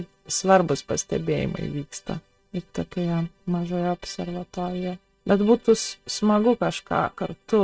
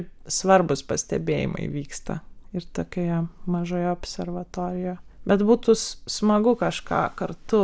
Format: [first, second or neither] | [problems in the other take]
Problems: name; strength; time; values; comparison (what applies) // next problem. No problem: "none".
second | noise reduction (neural mask model RNNoise)